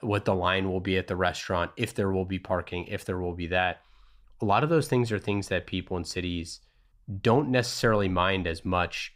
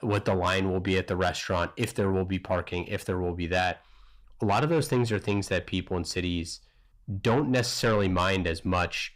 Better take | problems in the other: first | distortion; slight; 10 dB below the speech

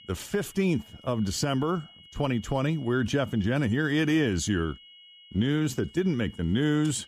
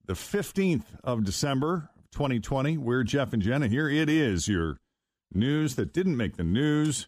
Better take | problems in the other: second | high-pitched whine; faint; throughout; 3 kHz, 20 dB below the speech

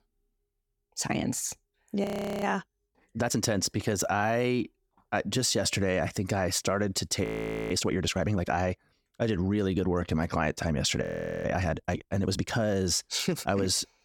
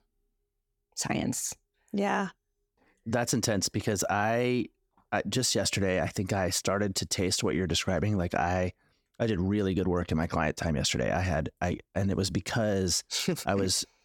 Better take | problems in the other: second | audio freezing; at 2 s, at 7 s and at 11 s

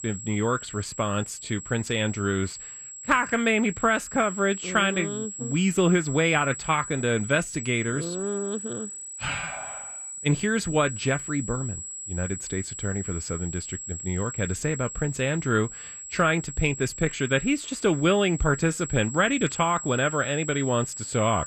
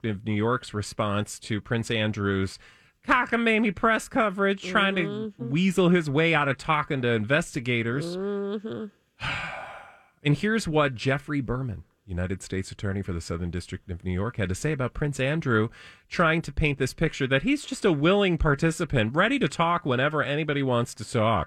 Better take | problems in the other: second | high-pitched whine; loud; throughout; 7.5 kHz, 9 dB below the speech

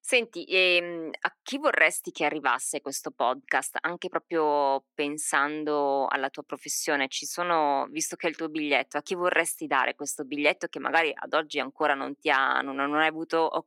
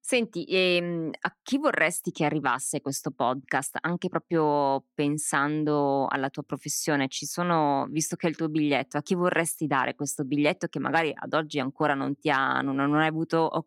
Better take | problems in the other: second | thin; somewhat; fading below 450 Hz

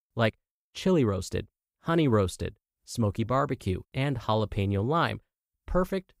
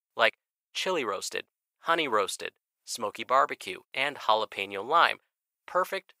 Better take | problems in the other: first | thin; very; fading below 800 Hz

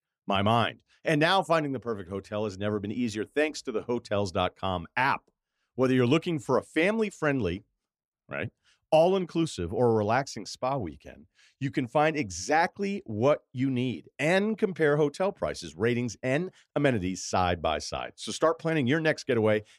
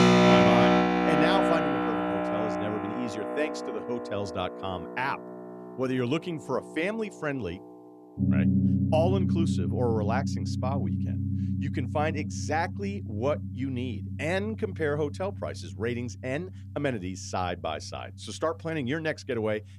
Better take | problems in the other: first | background music; very loud; throughout; 4 dB above the speech

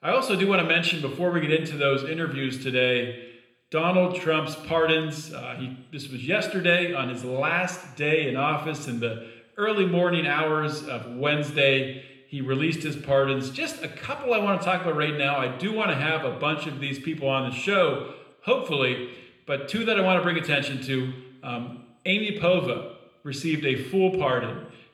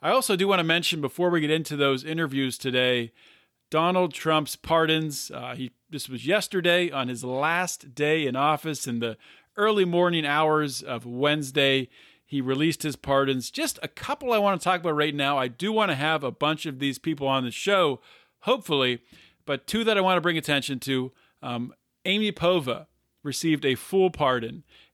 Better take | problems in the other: second | room echo; slight; dies away in 0.8 s // off-mic speech; somewhat distant

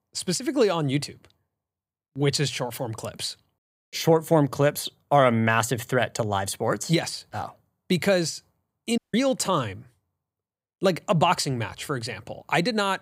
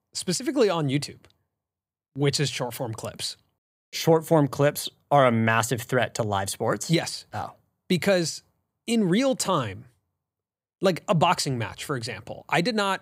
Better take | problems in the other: second | audio cutting out; at 9 s

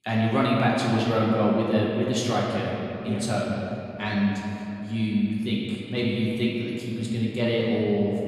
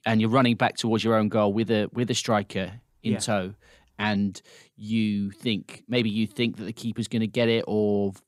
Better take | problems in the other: second | room echo; noticeable; dies away in 2.7 s // off-mic speech; far

